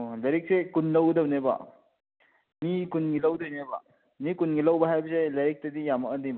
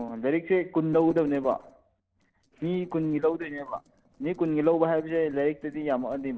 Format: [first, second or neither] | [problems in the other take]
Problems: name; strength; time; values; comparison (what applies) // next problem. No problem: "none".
first | noise reduction (neural separator model SepFormer DNS4)